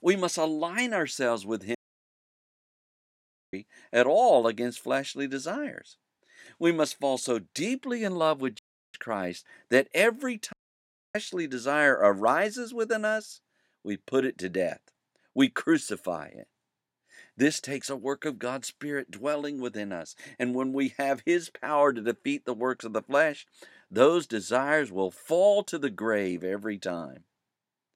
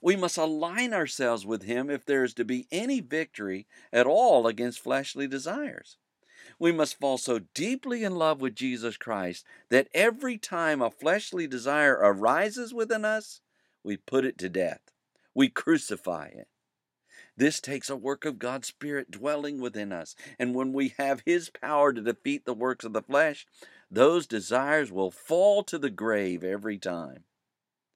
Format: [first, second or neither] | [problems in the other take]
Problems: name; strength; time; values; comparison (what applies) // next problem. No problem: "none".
second | audio cutting out; at 2 s for 2 s, at 8.5 s and at 11 s for 0.5 s